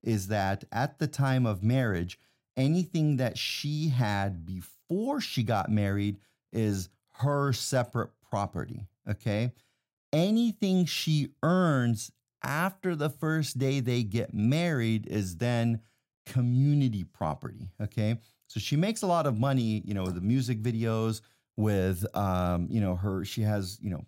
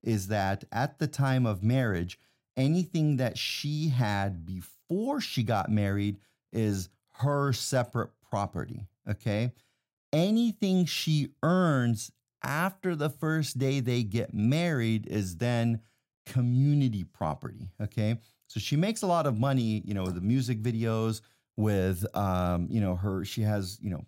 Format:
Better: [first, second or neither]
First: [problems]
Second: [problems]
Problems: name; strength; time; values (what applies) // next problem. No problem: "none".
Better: neither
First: none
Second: none